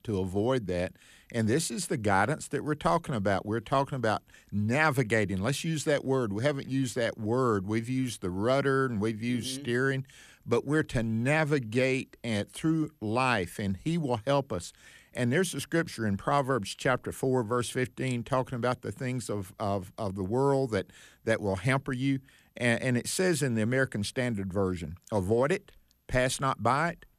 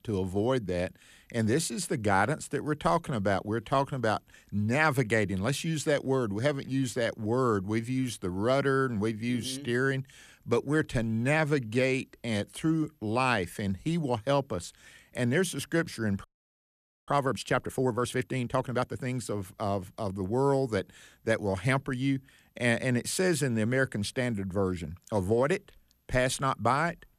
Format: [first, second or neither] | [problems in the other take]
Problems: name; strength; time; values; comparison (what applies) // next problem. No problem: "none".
first | audio freezing; at 16 s for 1 s